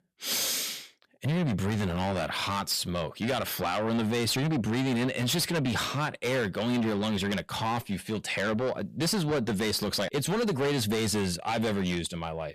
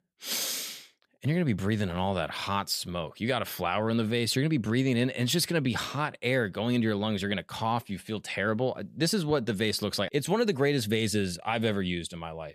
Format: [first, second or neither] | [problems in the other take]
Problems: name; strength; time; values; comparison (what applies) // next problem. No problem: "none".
second | distortion; heavy; 7 dB below the speech